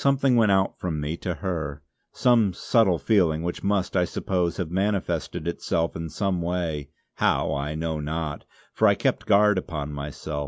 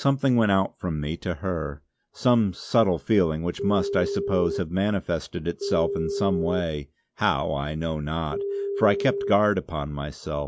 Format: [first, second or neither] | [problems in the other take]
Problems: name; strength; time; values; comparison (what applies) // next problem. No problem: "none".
first | background sound (Telephone); 3 dB below the speech